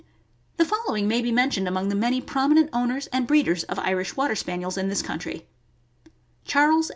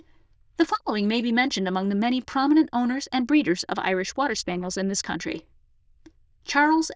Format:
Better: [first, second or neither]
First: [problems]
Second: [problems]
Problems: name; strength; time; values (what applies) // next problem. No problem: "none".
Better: first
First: none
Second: noise reduction (neural diffusion model UNIVERSE++)